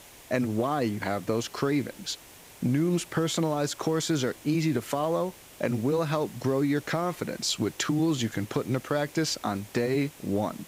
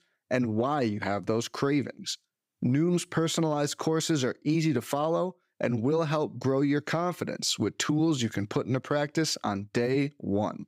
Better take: second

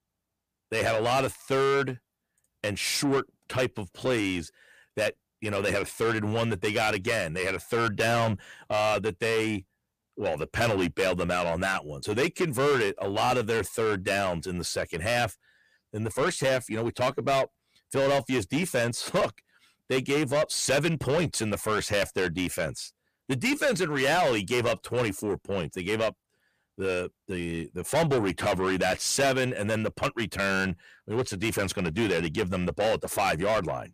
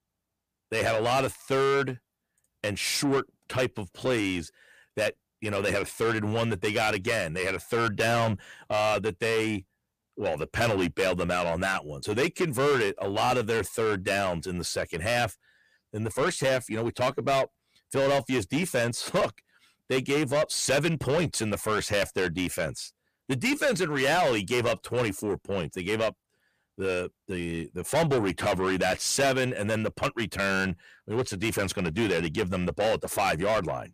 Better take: neither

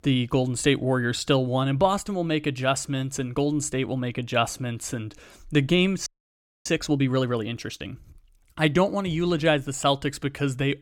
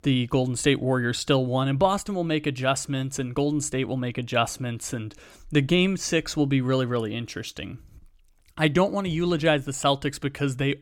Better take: second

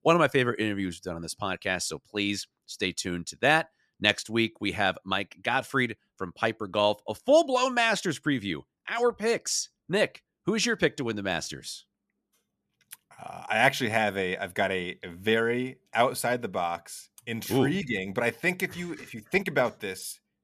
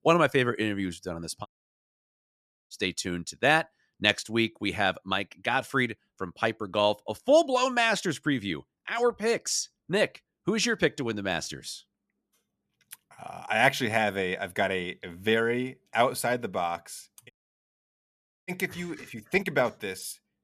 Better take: first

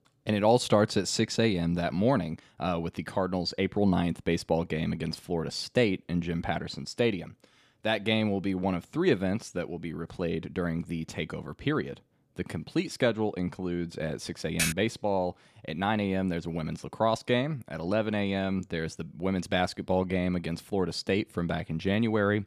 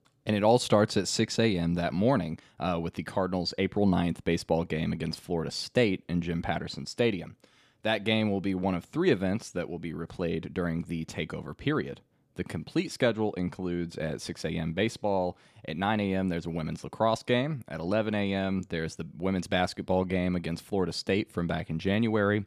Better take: second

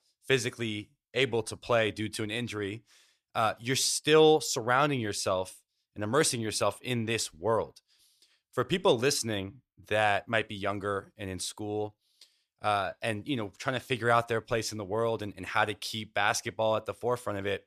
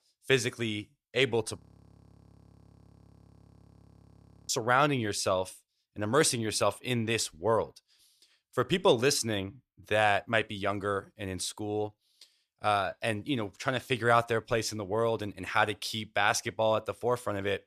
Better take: first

